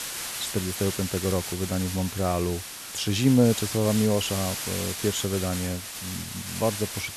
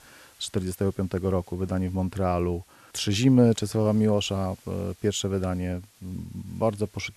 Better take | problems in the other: second | hiss; loud; throughout; 6 dB below the speech; faint in the second

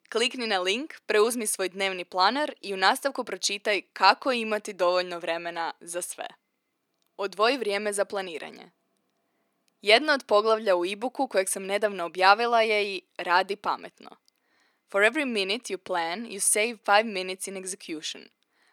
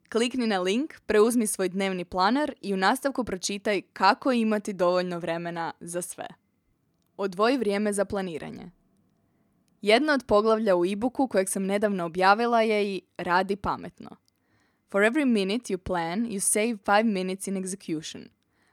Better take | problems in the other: second | thin; somewhat; fading below 400 Hz

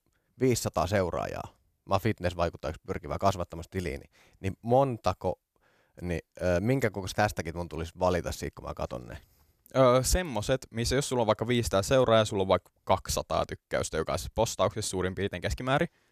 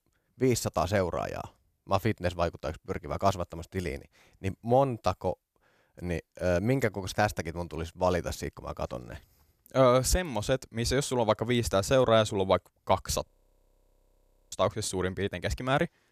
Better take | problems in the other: first | audio freezing; at 13 s for 1.5 s

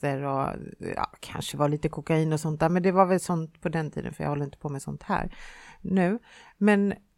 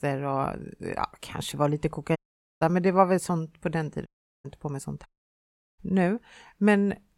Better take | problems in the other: first | audio cutting out; at 2 s, at 4 s and at 5 s for 0.5 s

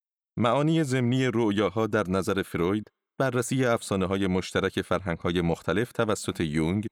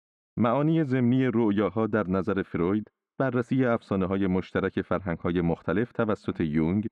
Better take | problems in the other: first | muffled; very; fading above 2 kHz

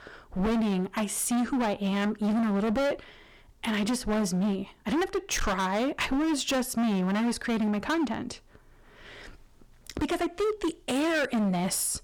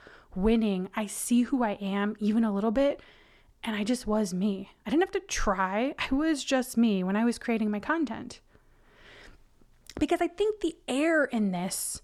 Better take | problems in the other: second | distortion; heavy; 23% of the sound clipped

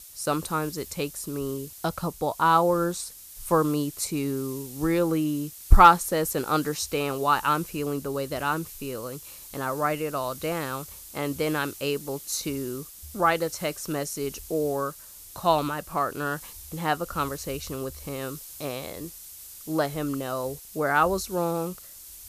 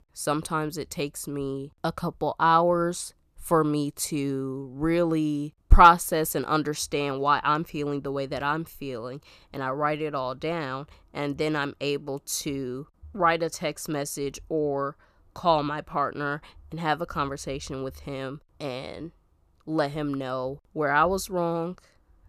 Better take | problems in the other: second | hiss; noticeable; throughout; 15 dB below the speech

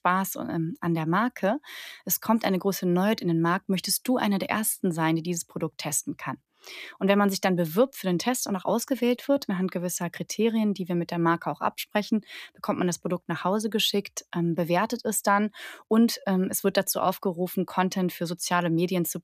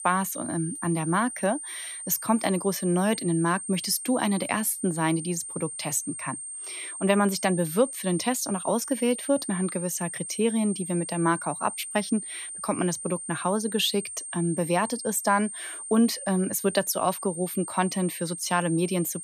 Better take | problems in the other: first | high-pitched whine; loud; throughout; 8.5 kHz, 8 dB below the speech

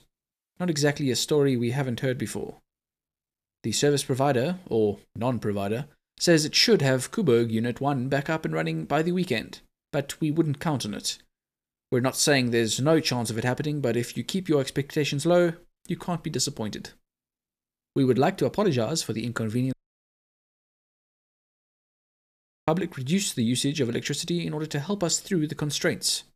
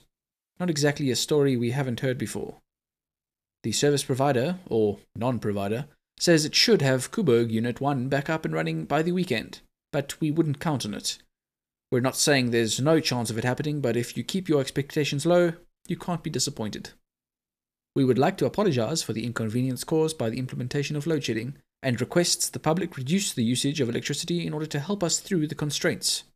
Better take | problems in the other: second | audio cutting out; at 20 s for 3 s

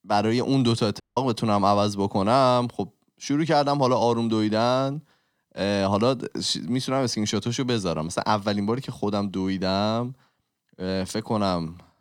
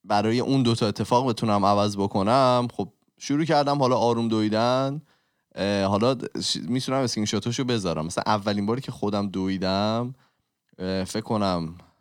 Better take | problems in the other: second | audio cutting out; at 1 s

